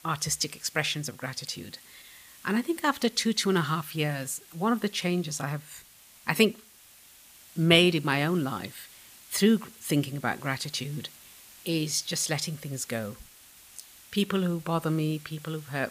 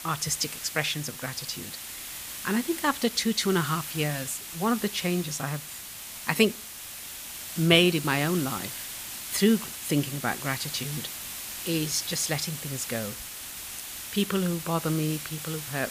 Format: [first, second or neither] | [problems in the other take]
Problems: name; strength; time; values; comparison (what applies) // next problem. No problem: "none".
first | hiss; loud; throughout; 8 dB below the speech; faint in the first